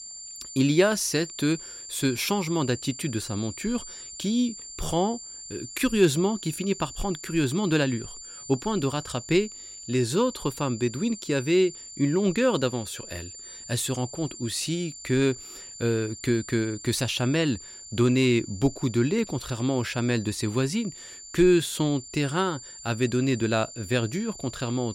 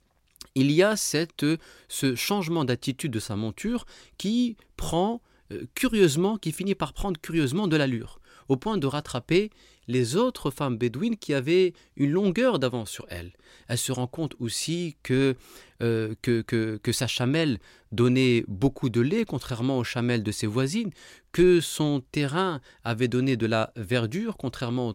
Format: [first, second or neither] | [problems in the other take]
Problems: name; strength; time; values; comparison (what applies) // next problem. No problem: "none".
second | high-pitched whine; noticeable; throughout; 7 kHz, 15 dB below the speech